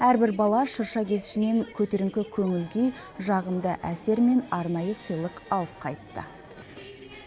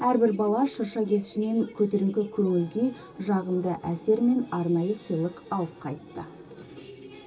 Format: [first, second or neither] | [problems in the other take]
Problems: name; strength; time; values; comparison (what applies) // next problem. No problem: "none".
first | room echo; dies away in 0.2 s